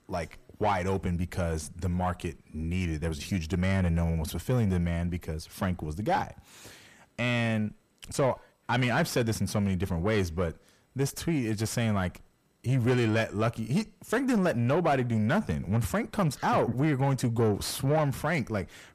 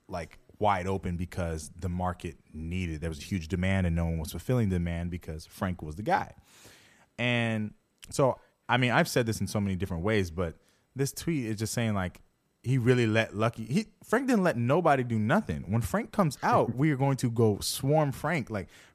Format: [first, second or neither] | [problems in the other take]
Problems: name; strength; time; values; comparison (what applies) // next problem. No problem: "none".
second | distortion; slight; 10 dB below the speech